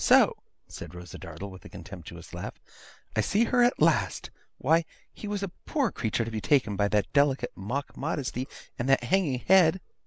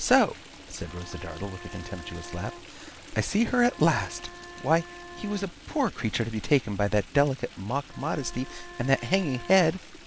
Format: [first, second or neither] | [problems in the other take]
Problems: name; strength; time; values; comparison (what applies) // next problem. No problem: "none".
first | background sound (Bowed string instrument + Stream); 16 dB below the speech